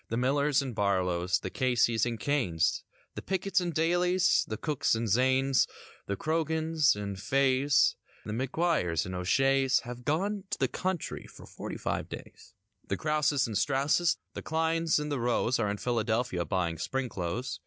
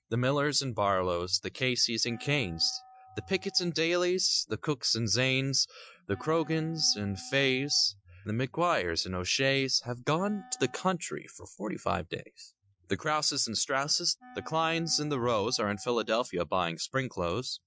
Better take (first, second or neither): first